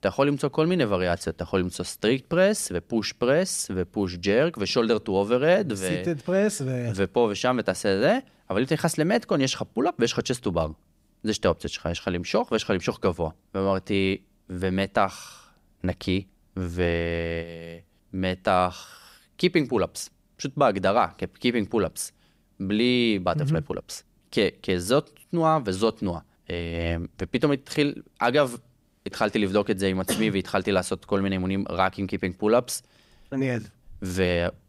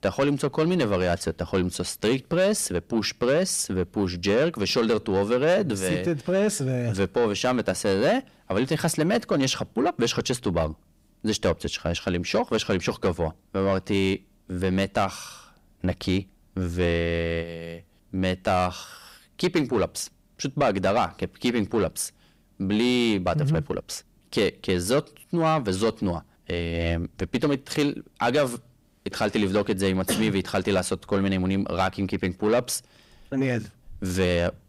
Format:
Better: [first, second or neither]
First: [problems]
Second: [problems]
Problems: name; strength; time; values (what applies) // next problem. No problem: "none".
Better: first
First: none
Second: distortion; slight; 10 dB below the speech